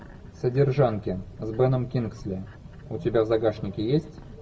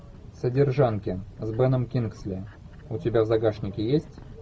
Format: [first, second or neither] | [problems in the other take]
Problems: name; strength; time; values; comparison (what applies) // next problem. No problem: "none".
second | room echo; dies away in 1.9 s